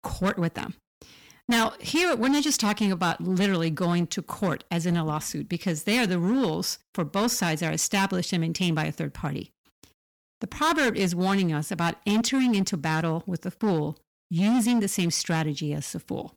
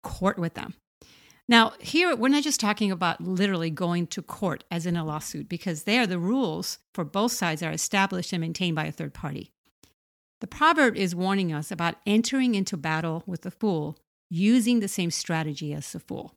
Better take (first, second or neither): second